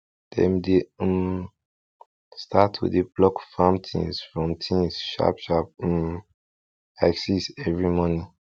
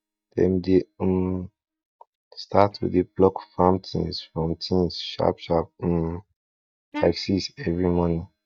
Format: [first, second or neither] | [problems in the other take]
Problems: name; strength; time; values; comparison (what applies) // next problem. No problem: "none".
first | noise reduction (neural mask model DeepFilterNet 3)